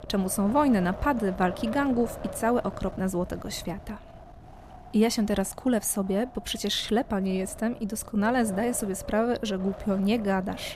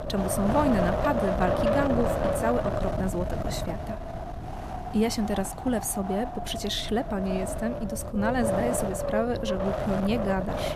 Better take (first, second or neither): first